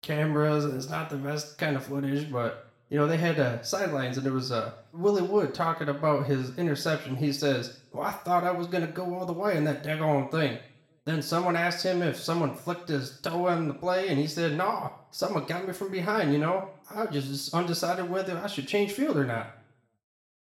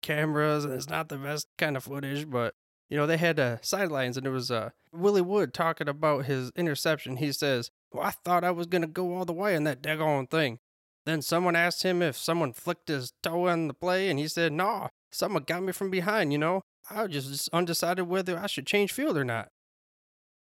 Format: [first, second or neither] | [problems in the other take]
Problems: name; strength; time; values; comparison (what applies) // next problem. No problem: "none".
second | room echo; slight; dies away in 0.5 s // off-mic speech; somewhat distant